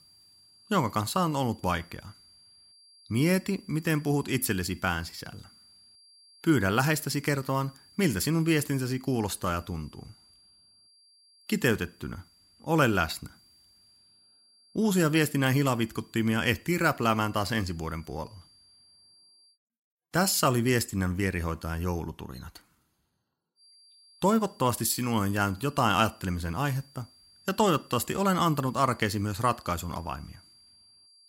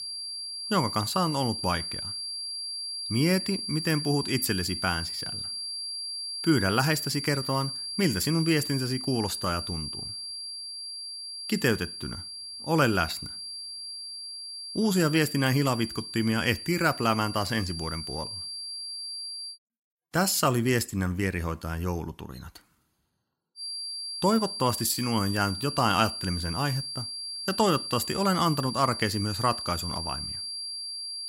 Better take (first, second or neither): first